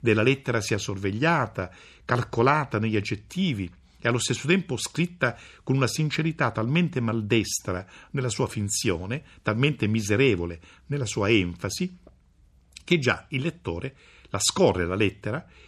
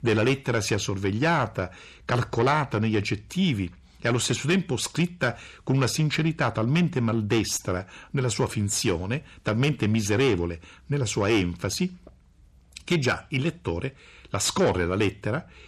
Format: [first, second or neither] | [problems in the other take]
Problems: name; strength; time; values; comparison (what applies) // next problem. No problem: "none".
first | distortion; slight; 10 dB below the speech